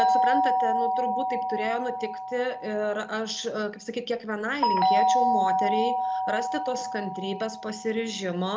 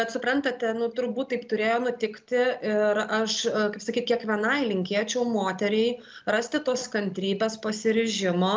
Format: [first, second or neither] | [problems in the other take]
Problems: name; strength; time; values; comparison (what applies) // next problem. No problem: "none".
second | background sound (Doorbell); 3 dB above the speech